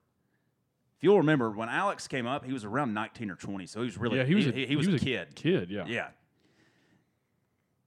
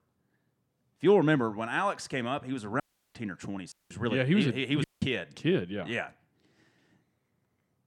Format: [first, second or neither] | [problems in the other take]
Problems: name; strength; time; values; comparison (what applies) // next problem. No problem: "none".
first | audio cutting out; at 3 s, at 3.5 s and at 5 s